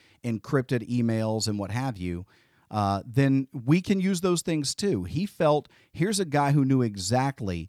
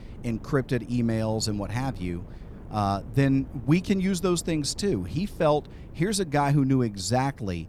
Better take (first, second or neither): first